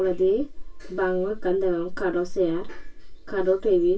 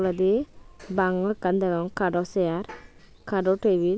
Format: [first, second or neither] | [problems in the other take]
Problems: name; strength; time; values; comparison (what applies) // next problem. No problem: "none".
second | room echo; dies away in 0.2 s